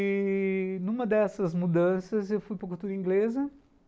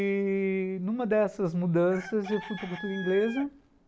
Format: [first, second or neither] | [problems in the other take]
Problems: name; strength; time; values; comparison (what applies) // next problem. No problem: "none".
first | background sound (Chicken, rooster); 17 dB below the speech